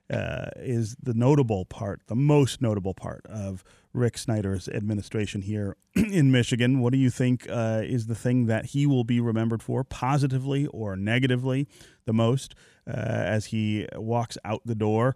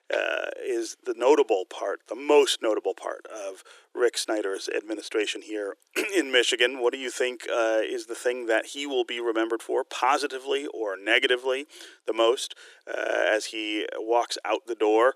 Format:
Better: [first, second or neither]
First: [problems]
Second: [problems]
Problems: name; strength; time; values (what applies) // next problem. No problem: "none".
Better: first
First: none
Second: thin; very; fading below 350 Hz